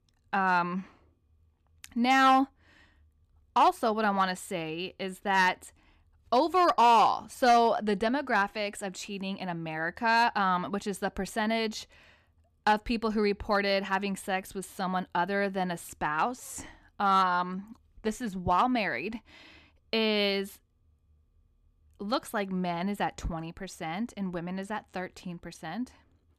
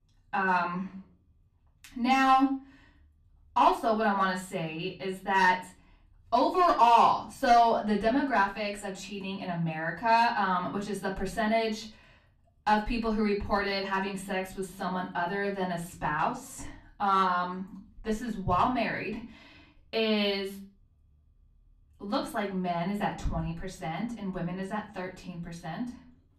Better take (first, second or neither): first